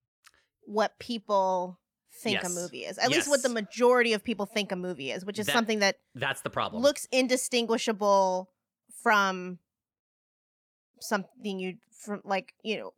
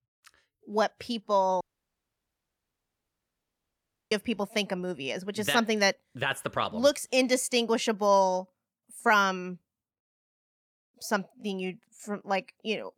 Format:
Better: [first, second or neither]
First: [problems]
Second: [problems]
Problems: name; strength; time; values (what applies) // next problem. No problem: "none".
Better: first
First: none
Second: audio cutting out; at 1.5 s for 2.5 s